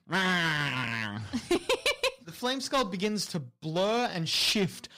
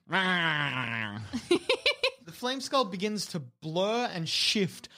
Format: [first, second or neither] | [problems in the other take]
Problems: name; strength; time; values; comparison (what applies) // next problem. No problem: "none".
second | distortion; slight; 6% of the sound clipped